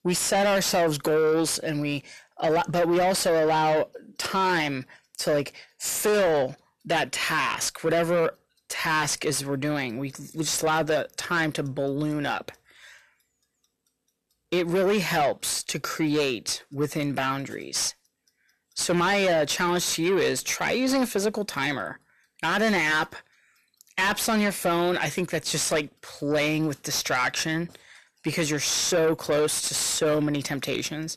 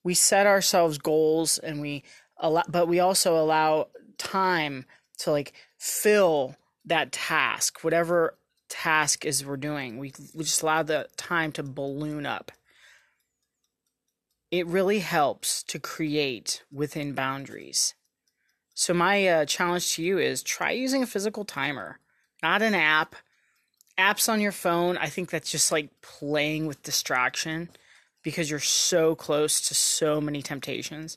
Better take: second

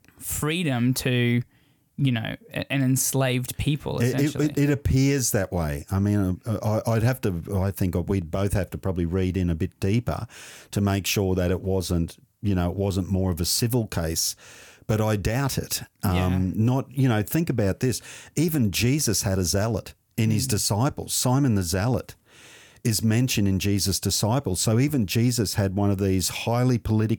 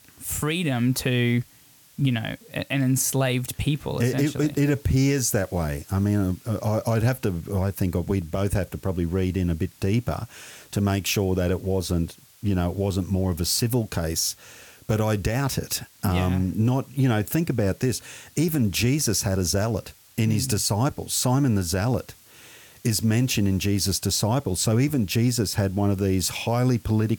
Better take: first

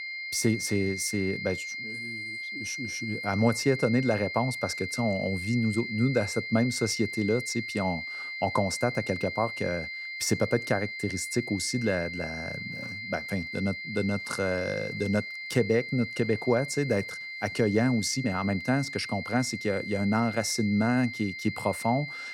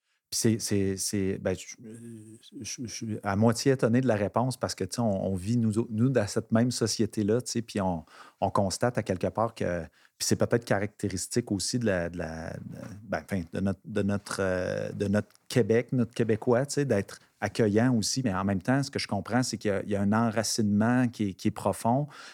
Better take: second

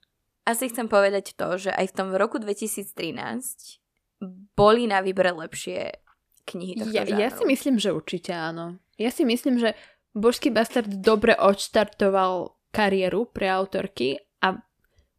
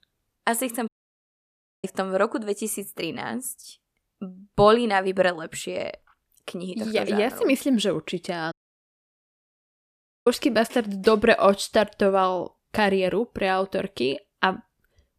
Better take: first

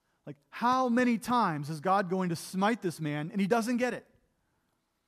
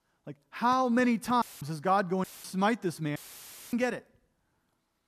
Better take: first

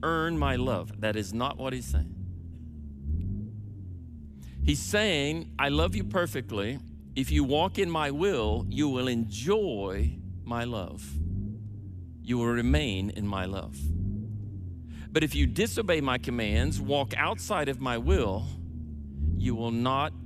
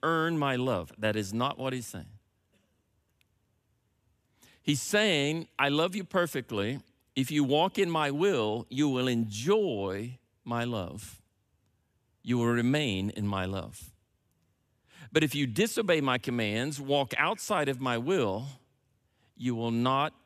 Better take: second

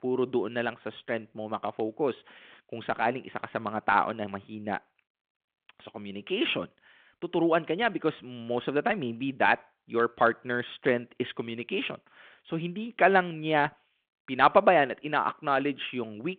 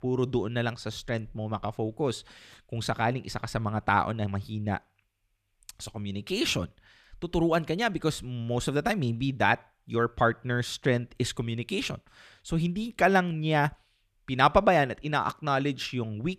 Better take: second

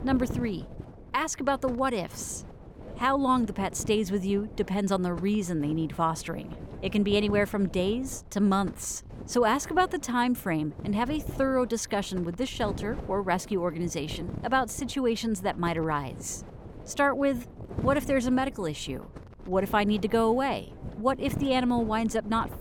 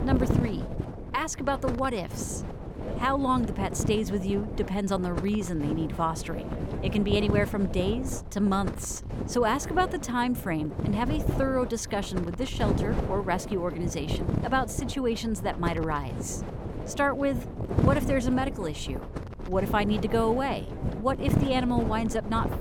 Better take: first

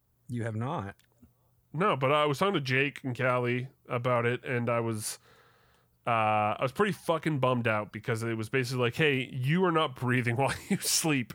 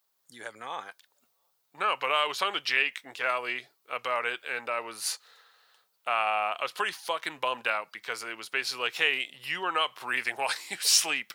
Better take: first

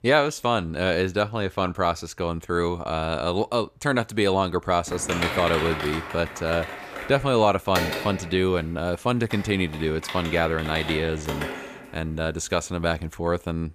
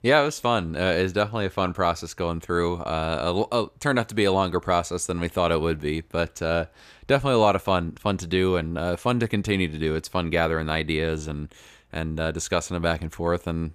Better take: second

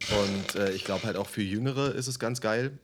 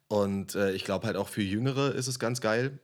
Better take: second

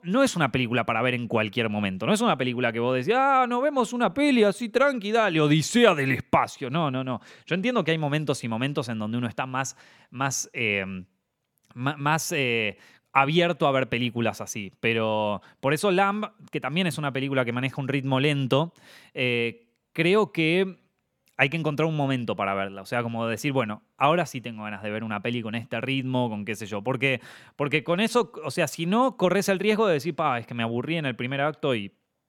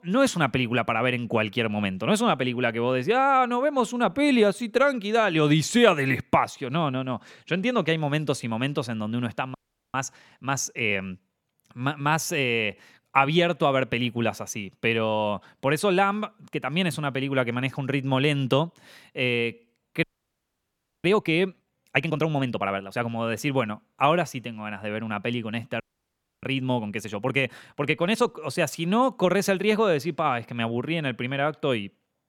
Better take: first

